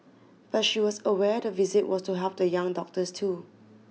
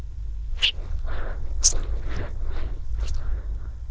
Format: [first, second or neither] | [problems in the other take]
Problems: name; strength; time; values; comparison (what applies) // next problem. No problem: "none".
first | noise reduction (neural diffusion model UNIVERSE++)